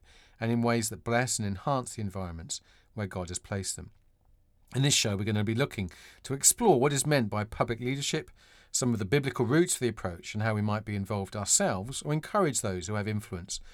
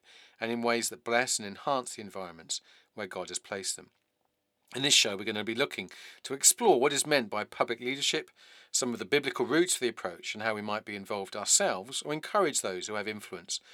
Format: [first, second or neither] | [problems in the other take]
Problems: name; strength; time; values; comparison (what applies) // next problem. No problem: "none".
first | thin; somewhat; fading below 350 Hz